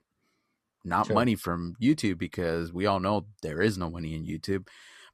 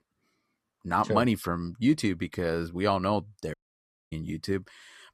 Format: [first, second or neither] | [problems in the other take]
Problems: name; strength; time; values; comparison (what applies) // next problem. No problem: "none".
first | audio cutting out; at 3.5 s for 0.5 s